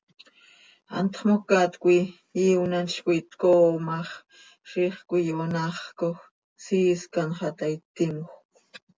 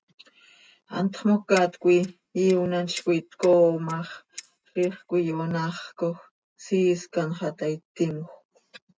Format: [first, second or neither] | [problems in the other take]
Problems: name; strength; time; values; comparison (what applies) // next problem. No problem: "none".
first | noise reduction (neural mask model RNNoise)